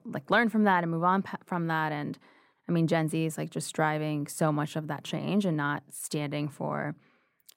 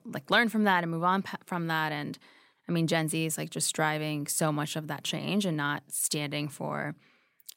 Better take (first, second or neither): second